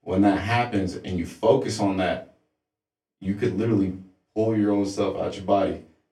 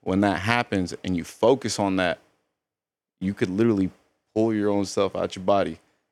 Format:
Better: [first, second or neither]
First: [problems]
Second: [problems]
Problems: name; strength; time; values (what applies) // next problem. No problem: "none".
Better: second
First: off-mic speech; far // room echo; very slight; dies away in 0.2 s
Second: none